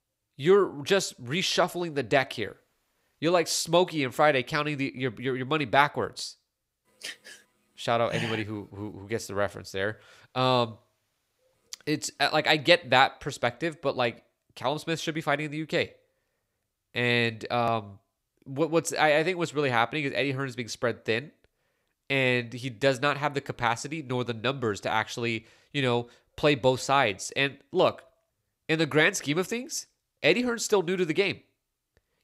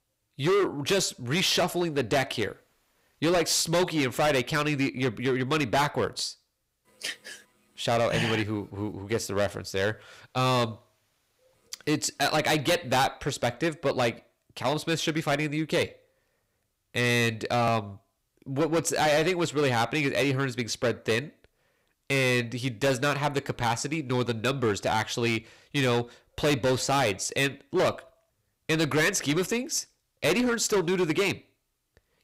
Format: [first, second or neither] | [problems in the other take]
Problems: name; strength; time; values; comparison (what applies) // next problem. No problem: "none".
first | distortion; heavy; 11% of the sound clipped